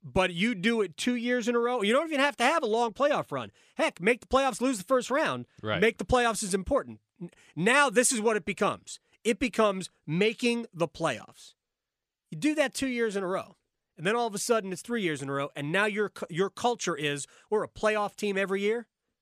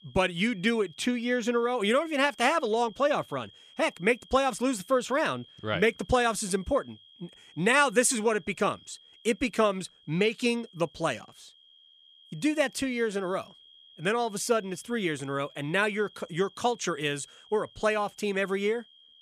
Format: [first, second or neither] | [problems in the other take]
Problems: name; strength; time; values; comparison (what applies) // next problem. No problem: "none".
first | high-pitched whine; faint; throughout; 3.5 kHz, 25 dB below the speech